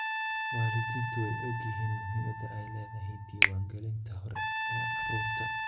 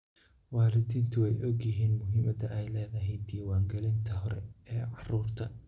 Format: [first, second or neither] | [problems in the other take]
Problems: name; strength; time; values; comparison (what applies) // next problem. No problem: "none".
second | background sound (Finger snapping + Trumpet); 2 dB above the speech